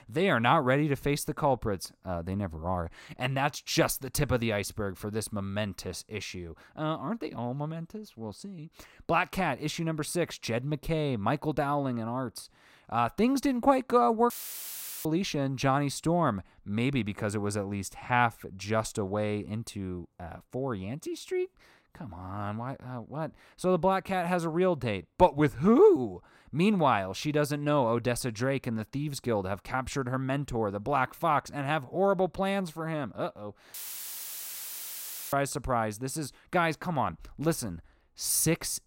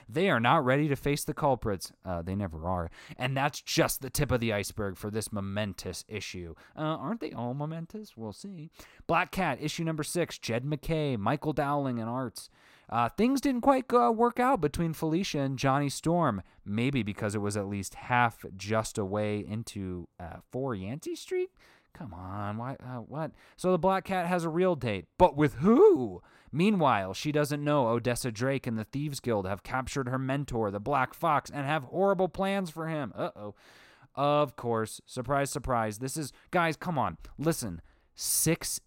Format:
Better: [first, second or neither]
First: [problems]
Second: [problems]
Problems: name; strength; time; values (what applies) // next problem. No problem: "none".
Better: second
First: audio cutting out; filled with static; at 14 s for 1 s and at 34 s for 1.5 s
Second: none